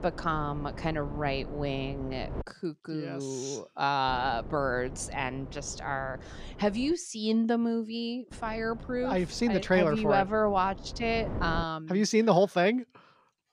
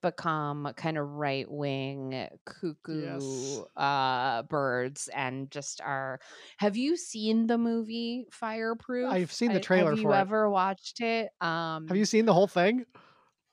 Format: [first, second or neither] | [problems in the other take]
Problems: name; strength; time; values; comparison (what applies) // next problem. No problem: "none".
second | wind noise on the microphone; occasional gusts; until 2.5 s, from 4 to 7 s and from 8.5 to 12 s; 15 dB below the speech